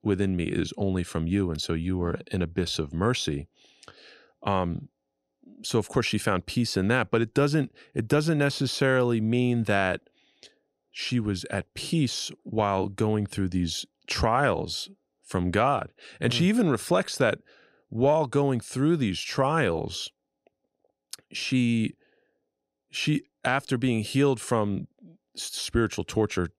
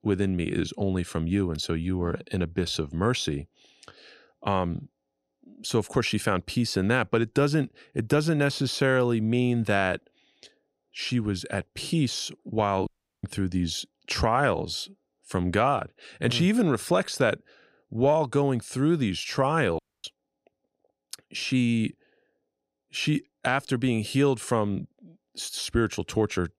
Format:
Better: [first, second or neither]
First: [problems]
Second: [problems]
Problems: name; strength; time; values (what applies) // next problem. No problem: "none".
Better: first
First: none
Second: audio cutting out; at 13 s and at 20 s